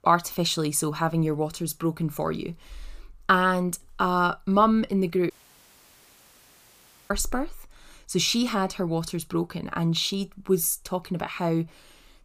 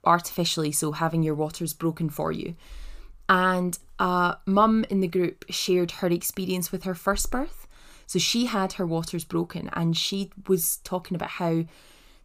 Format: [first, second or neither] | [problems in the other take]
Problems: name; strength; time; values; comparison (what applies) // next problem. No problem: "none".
second | audio cutting out; at 5.5 s for 2 s